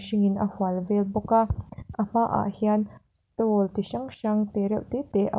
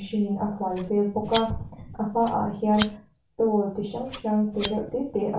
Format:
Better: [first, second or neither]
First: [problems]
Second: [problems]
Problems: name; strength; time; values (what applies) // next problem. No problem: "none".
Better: first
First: none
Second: background sound (Scissors); 15 dB below the speech // room echo; dies away in 0.4 s